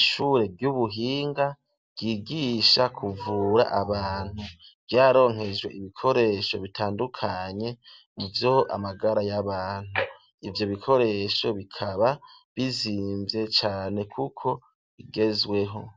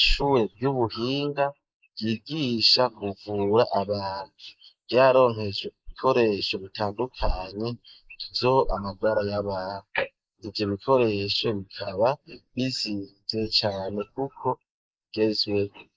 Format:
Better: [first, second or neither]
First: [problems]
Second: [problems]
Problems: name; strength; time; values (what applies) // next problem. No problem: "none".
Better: first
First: none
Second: noise reduction (neural mask model Resemble Enhance denoiser)